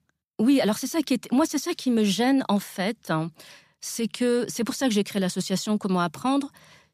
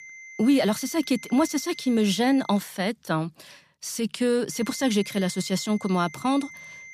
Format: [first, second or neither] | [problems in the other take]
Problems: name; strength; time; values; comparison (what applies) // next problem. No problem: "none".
first | high-pitched whine; noticeable; until 2.5 s and from 4.5 s on; 2 kHz, 20 dB below the speech